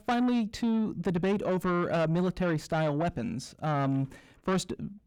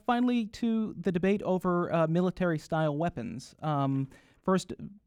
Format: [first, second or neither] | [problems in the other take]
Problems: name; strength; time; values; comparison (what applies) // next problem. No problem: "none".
second | distortion; slight; 10 dB below the speech